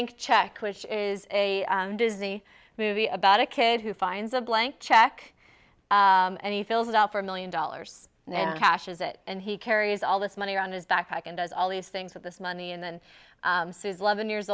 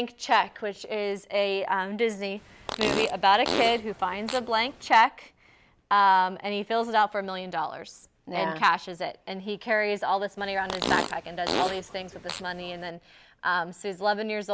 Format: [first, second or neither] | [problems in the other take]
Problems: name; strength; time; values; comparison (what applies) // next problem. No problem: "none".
first | background sound (Fart); 6 dB below the speech